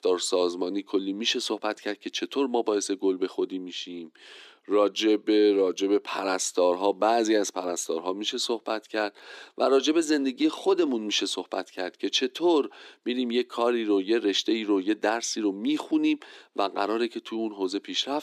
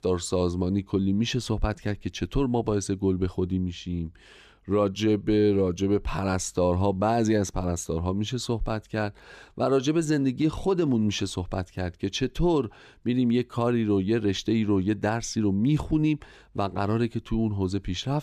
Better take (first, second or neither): second